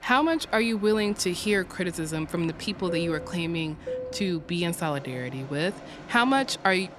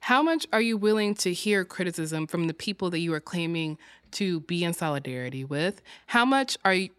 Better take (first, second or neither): second